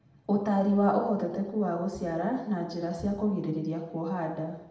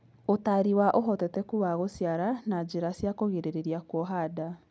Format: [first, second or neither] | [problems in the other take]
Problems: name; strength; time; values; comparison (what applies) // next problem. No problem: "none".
second | room echo; dies away in 0.8 s